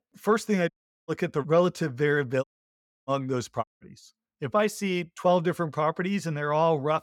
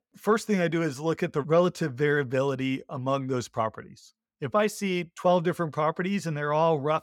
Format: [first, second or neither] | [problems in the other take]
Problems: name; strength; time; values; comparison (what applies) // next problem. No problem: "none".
second | audio cutting out; at 0.5 s, at 2.5 s for 0.5 s and at 3.5 s